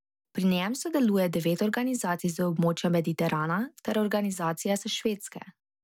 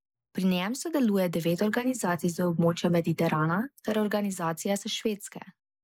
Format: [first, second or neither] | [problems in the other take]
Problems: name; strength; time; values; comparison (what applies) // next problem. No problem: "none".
first | noise reduction (neural mask model Resemble Enhance denoiser)